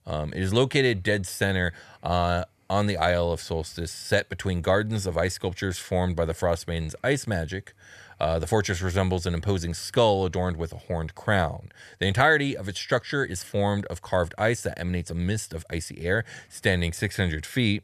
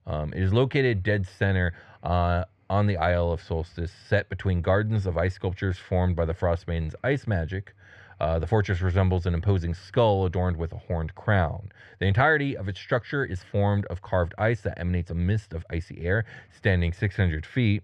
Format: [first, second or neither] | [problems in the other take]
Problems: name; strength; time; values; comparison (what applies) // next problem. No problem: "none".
first | muffled; slightly; fading above 2.5 kHz